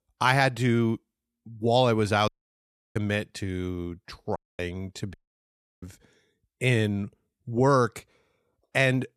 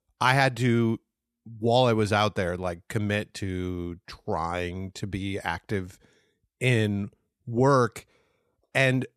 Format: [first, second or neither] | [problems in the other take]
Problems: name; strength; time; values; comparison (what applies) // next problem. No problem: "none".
second | audio cutting out; at 2.5 s for 0.5 s, at 4.5 s and at 5 s for 0.5 s